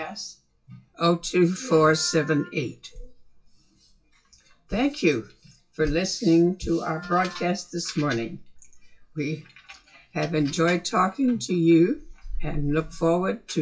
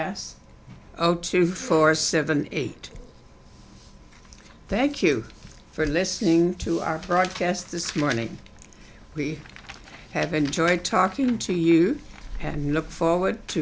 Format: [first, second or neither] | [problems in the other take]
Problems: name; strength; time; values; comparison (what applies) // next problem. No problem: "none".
second | noise reduction (classical method WPE with log-MMSE)